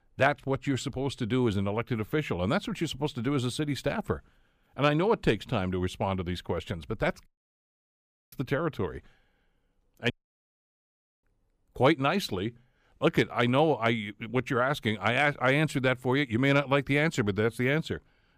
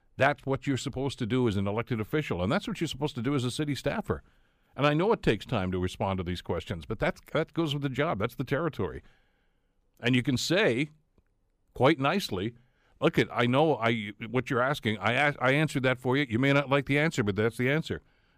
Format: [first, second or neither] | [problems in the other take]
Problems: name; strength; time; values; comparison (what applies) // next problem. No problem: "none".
second | audio cutting out; at 7.5 s for 1 s and at 10 s for 1 s